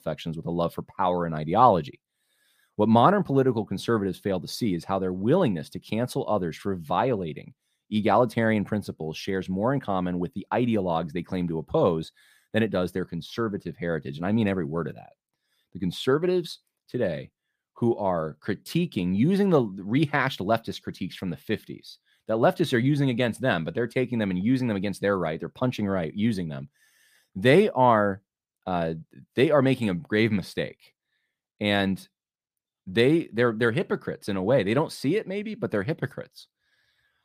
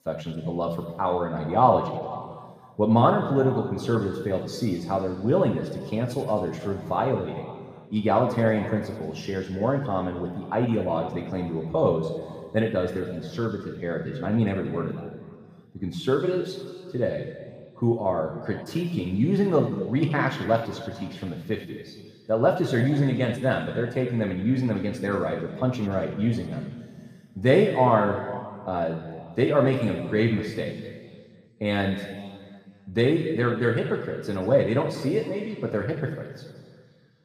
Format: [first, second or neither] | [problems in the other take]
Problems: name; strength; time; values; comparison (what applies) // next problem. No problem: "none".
first | room echo; noticeable; dies away in 1.8 s // off-mic speech; far